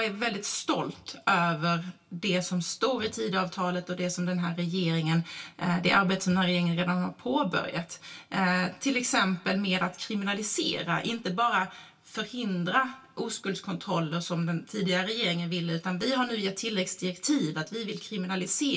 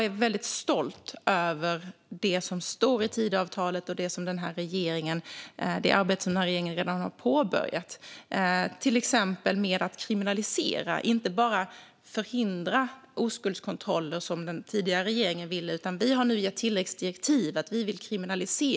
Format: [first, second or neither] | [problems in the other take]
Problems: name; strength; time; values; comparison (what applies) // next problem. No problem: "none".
second | room echo; dies away in 0.1 s